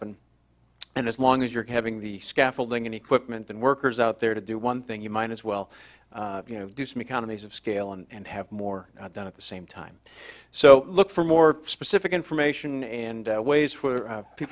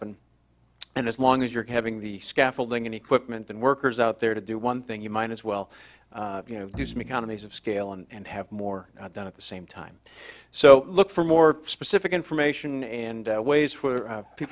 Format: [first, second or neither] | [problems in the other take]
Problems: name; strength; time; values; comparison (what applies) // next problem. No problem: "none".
first | background sound (Bowed string instrument); 17 dB below the speech